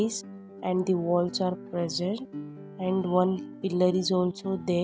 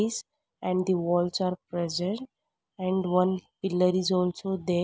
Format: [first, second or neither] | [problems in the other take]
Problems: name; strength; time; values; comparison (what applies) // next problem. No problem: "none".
second | background sound (Guitar); 15 dB below the speech